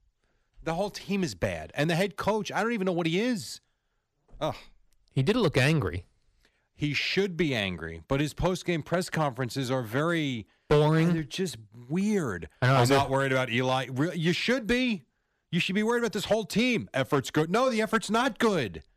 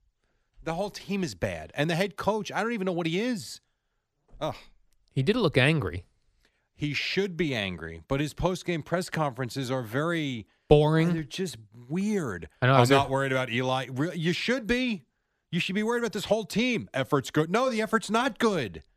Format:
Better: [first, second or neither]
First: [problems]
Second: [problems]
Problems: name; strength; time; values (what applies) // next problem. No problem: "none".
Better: second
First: distortion; slight; 1.7% of the sound clipped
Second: none